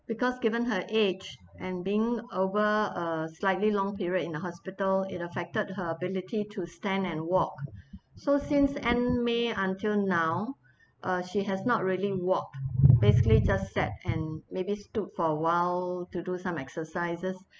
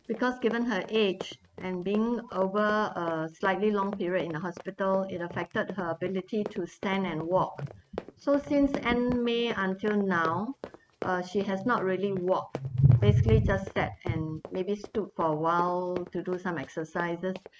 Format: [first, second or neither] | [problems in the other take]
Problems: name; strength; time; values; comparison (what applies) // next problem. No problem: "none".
first | noise reduction (neural mask model RNNoise)